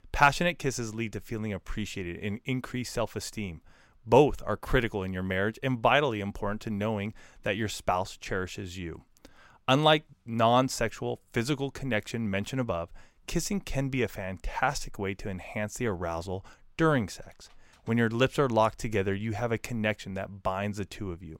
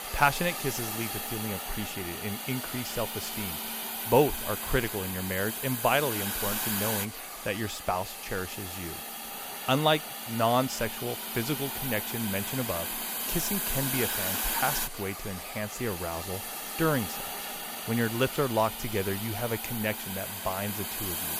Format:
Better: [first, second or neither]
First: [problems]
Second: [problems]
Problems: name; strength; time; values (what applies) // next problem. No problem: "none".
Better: first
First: none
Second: hiss; loud; throughout; 2 dB below the speech